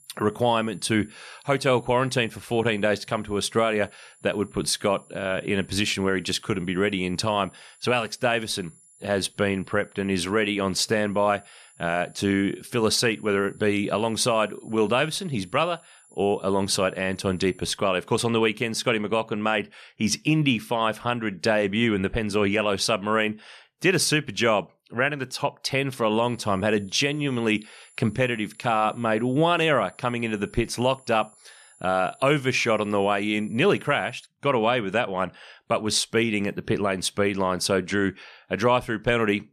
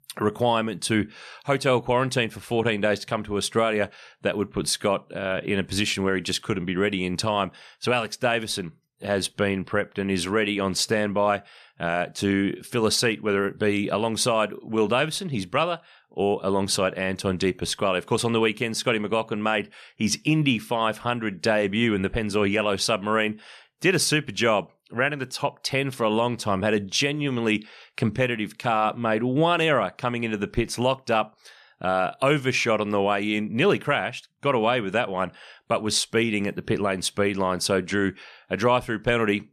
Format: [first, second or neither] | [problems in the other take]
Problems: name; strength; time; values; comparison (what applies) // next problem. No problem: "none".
second | high-pitched whine; faint; until 18 s and from 26 to 34 s; 10.5 kHz, 30 dB below the speech